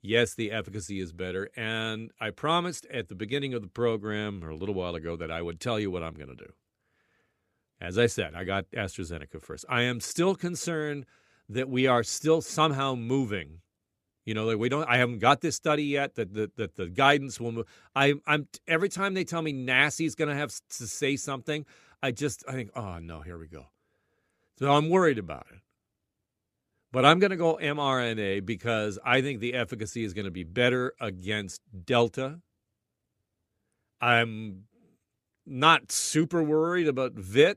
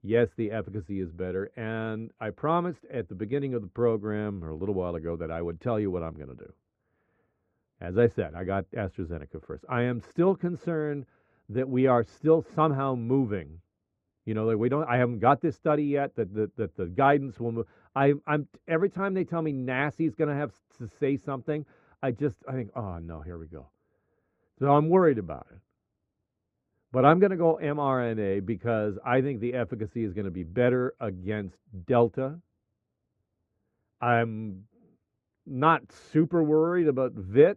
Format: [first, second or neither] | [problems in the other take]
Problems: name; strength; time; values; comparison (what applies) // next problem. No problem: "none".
first | muffled; very; fading above 3.5 kHz